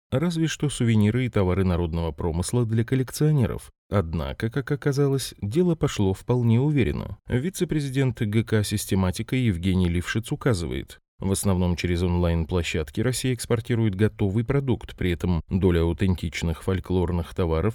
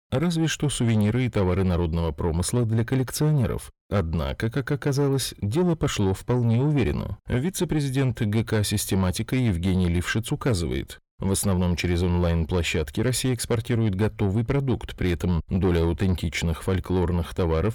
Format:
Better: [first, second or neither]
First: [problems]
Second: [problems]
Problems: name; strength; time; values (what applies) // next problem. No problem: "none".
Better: first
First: none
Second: distortion; slight; 10 dB below the speech